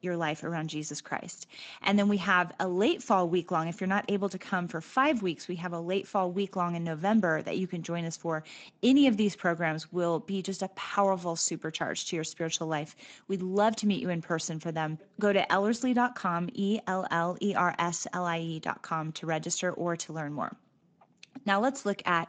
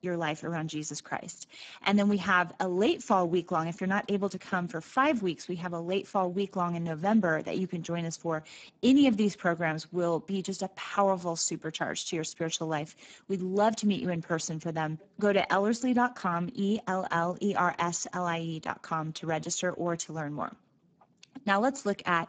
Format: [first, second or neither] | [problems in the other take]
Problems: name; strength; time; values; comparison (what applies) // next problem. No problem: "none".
first | garbled, watery; badly; nothing above 7.5 kHz; slightly in the first